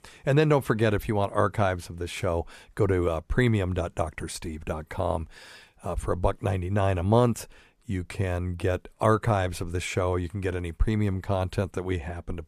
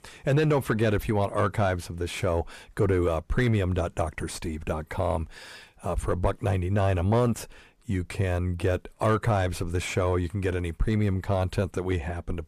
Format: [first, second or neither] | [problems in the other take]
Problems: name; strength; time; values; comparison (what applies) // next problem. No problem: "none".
first | distortion; slight; 10 dB below the speech